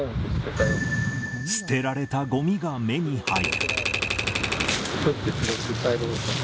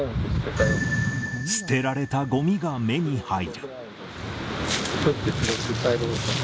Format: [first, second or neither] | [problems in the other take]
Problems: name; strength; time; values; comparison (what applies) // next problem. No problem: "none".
second | background sound (Typewriter); 1 dB below the speech